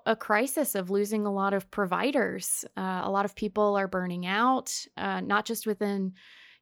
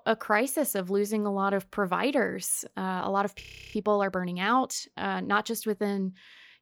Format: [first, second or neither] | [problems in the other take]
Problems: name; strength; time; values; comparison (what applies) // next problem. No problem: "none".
first | audio freezing; at 3.5 s